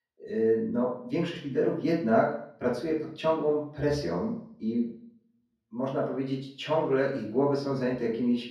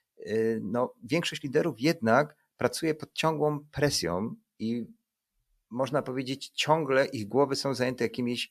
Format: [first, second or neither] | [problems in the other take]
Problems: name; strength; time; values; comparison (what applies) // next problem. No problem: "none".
second | room echo; noticeable; dies away in 0.6 s // off-mic speech; far